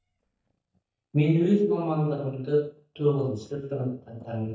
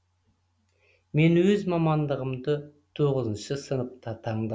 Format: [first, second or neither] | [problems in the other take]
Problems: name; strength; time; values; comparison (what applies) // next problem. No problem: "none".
second | noise reduction (neural mask model DeepFilterNet 3)